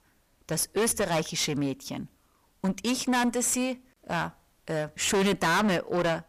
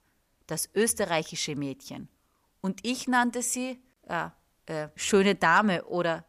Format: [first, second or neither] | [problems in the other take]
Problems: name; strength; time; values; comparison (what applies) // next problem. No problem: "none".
second | distortion; heavy; 13% of the sound clipped